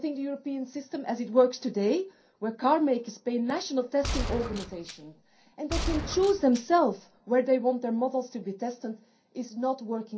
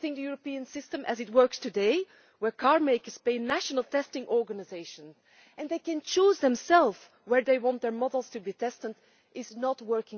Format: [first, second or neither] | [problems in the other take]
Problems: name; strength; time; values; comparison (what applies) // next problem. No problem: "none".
second | background sound (Gunshot, gunfire); 7 dB below the speech // room echo; dies away in 0.3 s